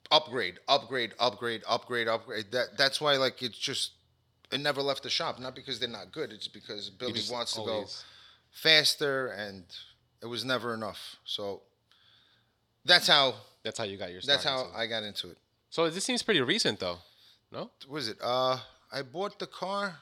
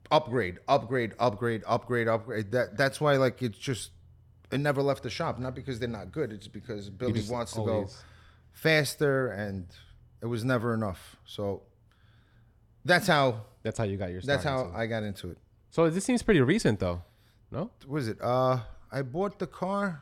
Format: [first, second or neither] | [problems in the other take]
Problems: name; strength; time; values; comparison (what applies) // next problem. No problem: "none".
second | thin; somewhat; fading below 1 kHz